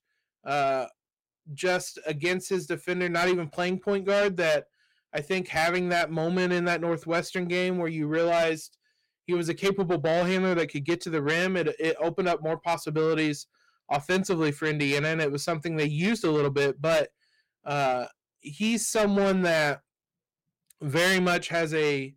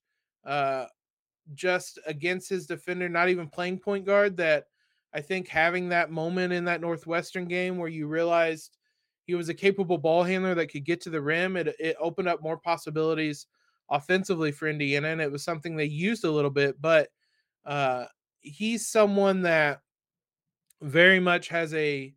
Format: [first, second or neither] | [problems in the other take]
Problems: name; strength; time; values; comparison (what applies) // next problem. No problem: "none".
second | distortion; heavy; 8 dB below the speech